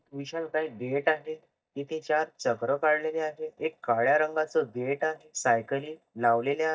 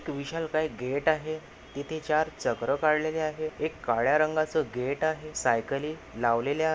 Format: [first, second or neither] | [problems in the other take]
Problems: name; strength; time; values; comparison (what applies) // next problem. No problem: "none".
second | noise reduction (neural mask model DeepFilterNet 3)